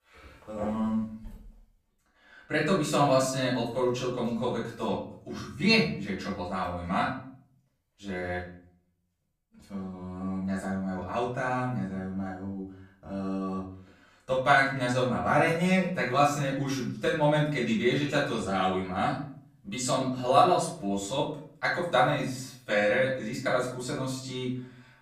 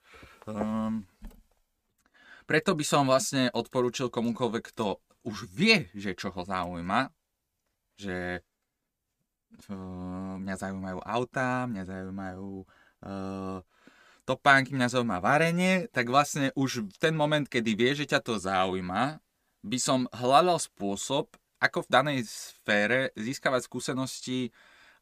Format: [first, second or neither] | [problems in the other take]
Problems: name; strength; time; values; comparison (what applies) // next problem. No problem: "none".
second | room echo; noticeable; dies away in 0.6 s // off-mic speech; far